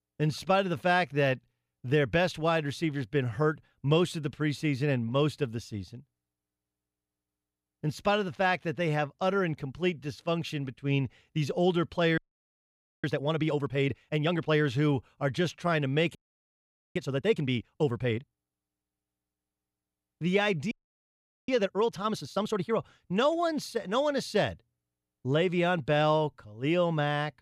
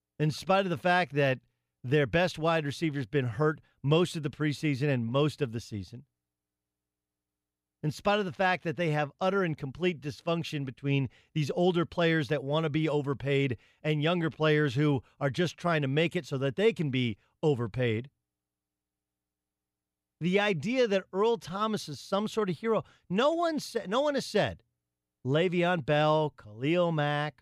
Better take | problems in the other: second | audio freezing; at 12 s for 1 s, at 16 s for 1 s and at 21 s for 1 s

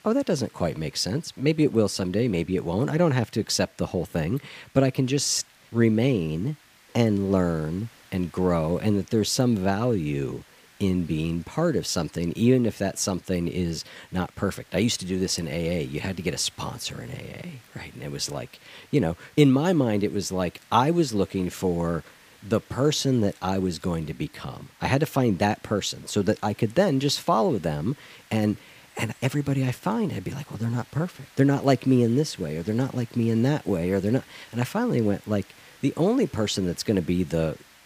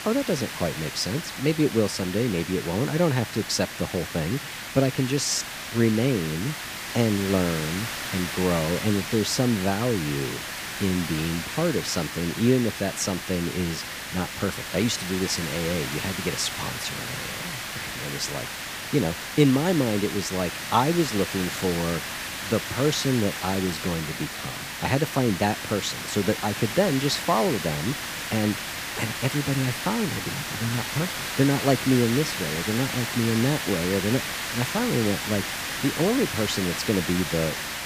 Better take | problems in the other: first | hiss; loud; throughout; 5 dB below the speech; faint in the first

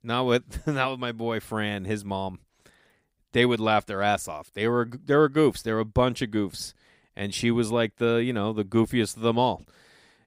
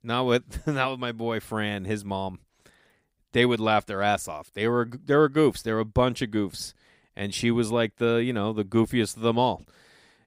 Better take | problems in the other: neither | none

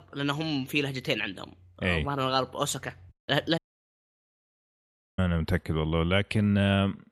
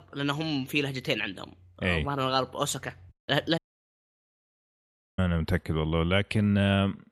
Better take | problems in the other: neither | audio cutting out; at 3.5 s for 1.5 s; the same in both

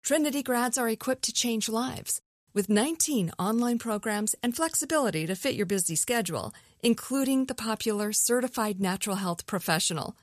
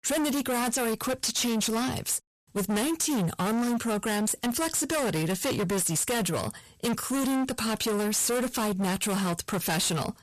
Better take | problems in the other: first | distortion; heavy; 34% of the sound clipped

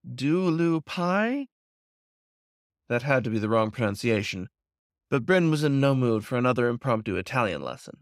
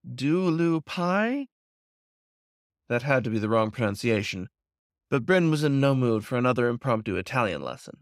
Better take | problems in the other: neither | none

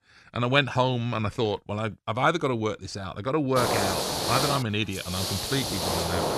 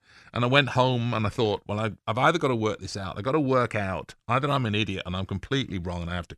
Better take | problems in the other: second | hiss; loud; from 3.5 s on; as loud as the speech

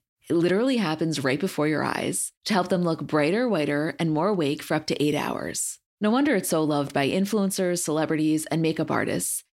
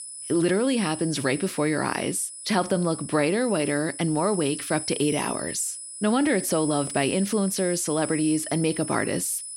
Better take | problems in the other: first | high-pitched whine; loud; throughout; 10 kHz, 9 dB below the speech

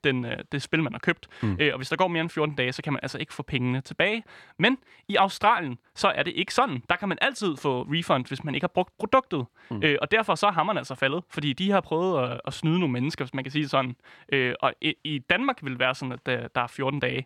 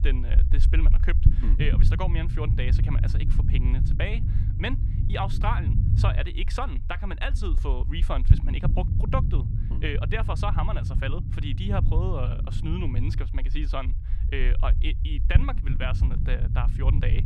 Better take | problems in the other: first | low rumble; loud; throughout; 8 dB below the speech

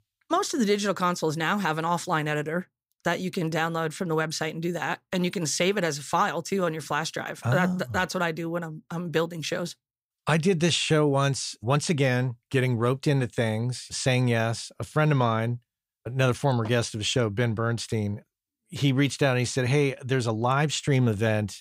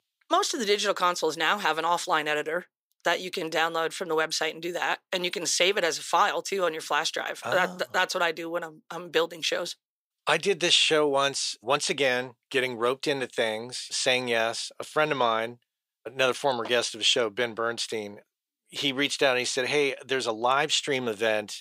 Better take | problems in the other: first | thin; very; fading below 450 Hz

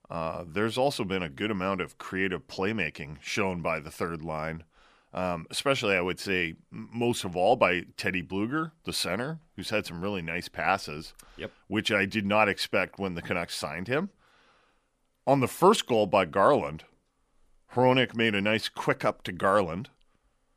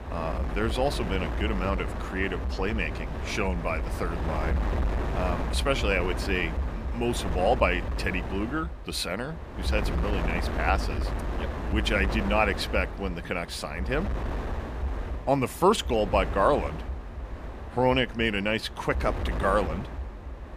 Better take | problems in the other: first | wind noise on the microphone; heavy; 10 dB below the speech

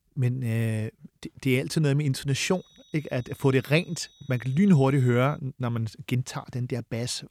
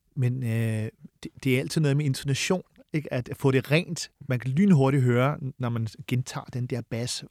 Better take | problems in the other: second | high-pitched whine; faint; from 2.5 to 5.5 s; 4 kHz, 30 dB below the speech

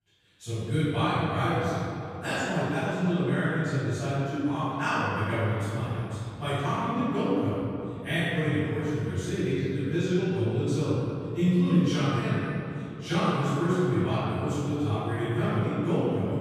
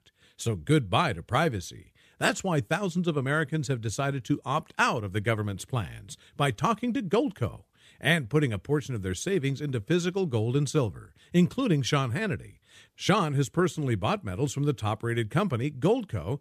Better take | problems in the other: second | off-mic speech; far // room echo; strong; dies away in 2.6 s

